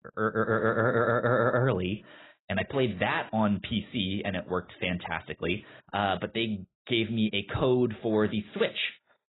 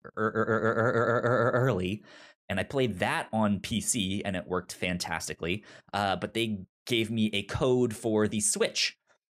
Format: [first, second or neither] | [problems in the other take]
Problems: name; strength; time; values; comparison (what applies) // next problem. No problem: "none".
second | garbled, watery; badly; nothing above 4 kHz